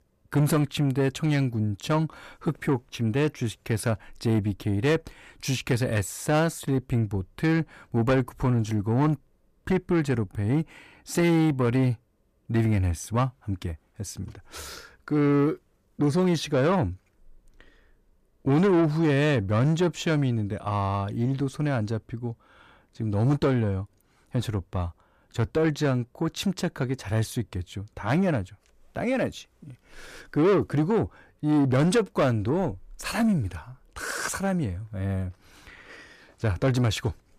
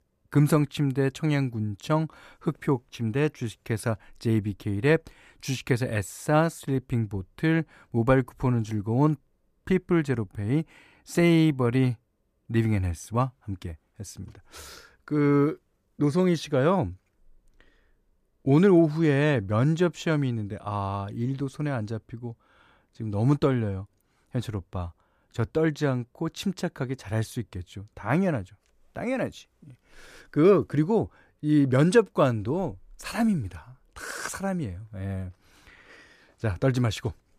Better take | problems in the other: second | distortion; slight; 10 dB below the speech

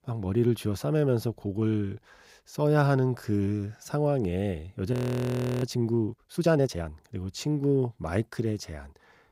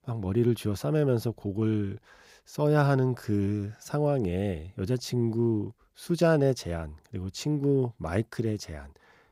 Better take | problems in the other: second | audio freezing; at 5 s for 0.5 s

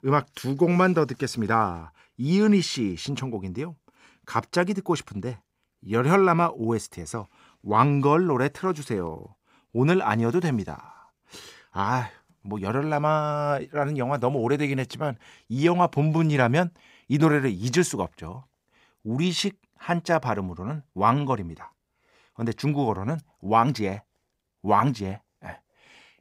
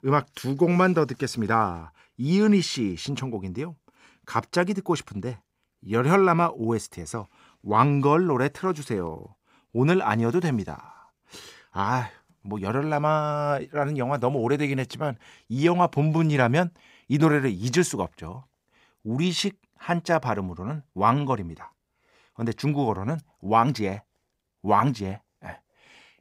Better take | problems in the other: neither | none

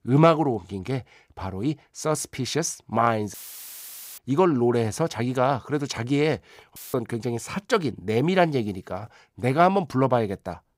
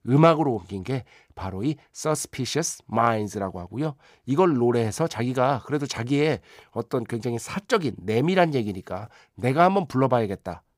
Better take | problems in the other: second | audio cutting out; filled with static; at 3.5 s for 1 s and at 7 s

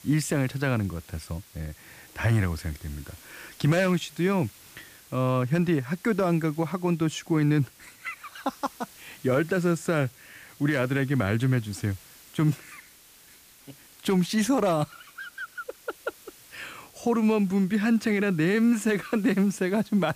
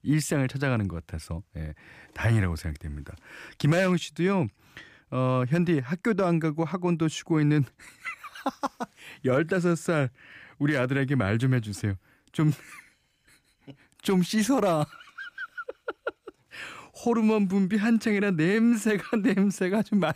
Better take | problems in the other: second | hiss; faint; throughout; 25 dB below the speech

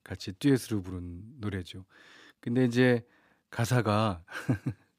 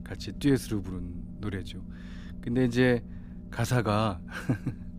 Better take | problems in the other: first | low rumble; faint; throughout; 20 dB below the speech

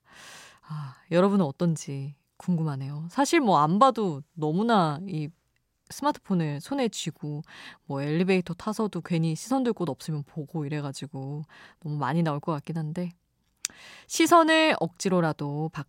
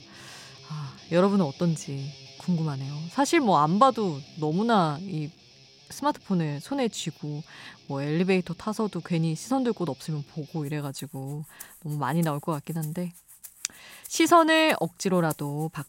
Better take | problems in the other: first | background music; faint; throughout; 20 dB below the speech

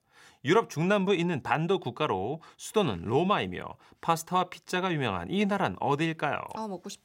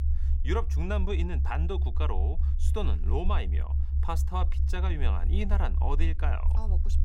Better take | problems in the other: first | low rumble; noticeable; throughout; 10 dB below the speech

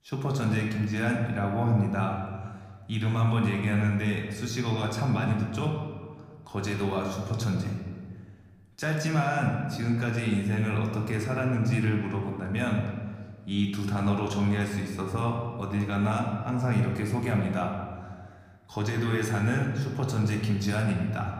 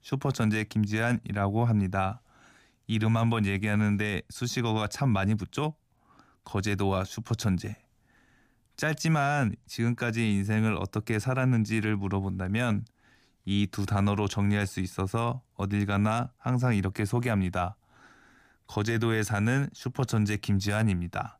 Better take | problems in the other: second | room echo; noticeable; dies away in 1.4 s // off-mic speech; somewhat distant

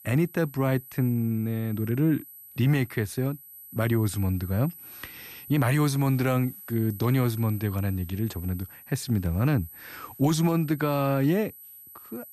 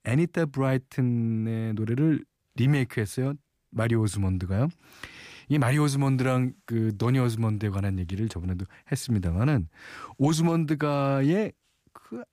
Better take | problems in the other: second | high-pitched whine; noticeable; throughout; 12 kHz, 15 dB below the speech

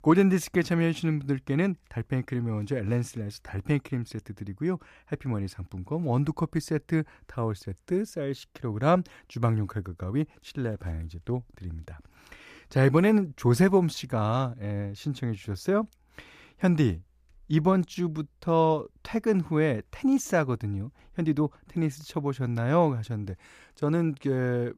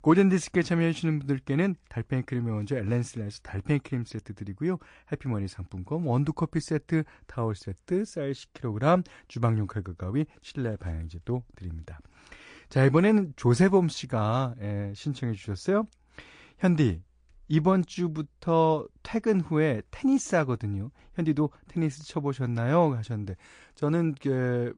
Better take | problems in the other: first | garbled, watery; slightly

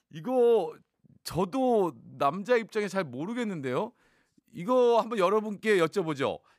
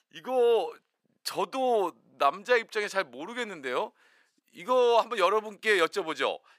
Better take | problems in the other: first | thin; somewhat; fading below 450 Hz

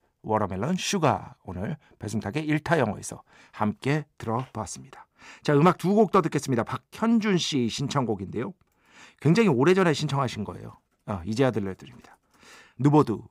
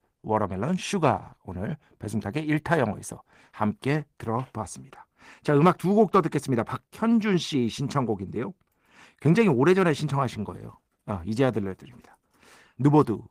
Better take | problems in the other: first | garbled, watery; slightly; nothing above 15.5 kHz

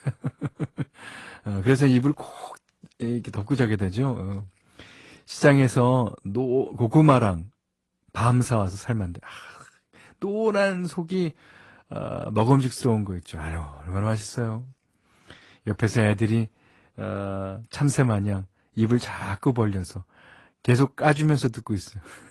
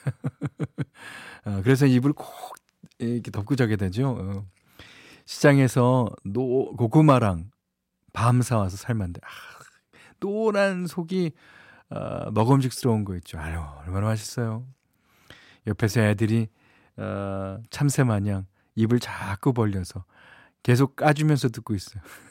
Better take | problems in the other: second | garbled, watery; slightly; nothing above 11 kHz

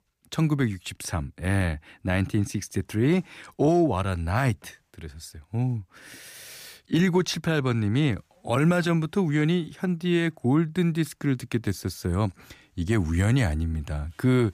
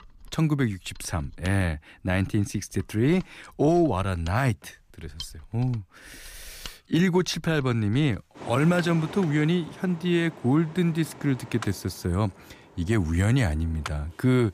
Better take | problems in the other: first | machinery noise; noticeable; throughout; 20 dB below the speech

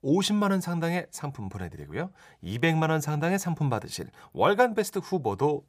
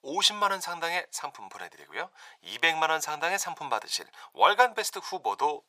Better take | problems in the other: first | thin; very; fading below 800 Hz

